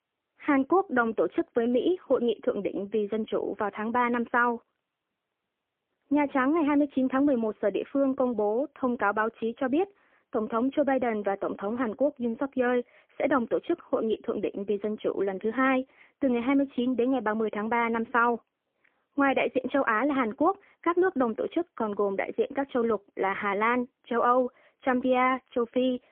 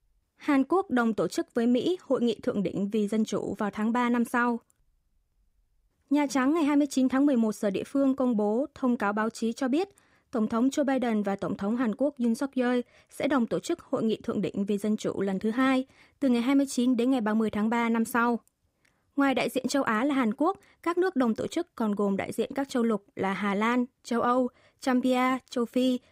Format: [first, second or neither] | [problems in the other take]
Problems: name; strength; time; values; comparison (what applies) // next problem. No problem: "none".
second | phone-call audio; poor line; nothing above 3.5 kHz